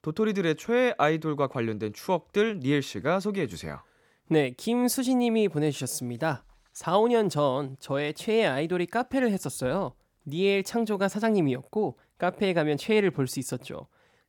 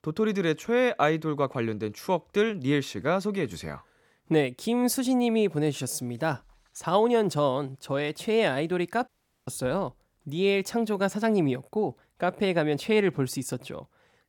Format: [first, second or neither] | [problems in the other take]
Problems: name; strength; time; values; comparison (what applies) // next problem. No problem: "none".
first | audio cutting out; at 9 s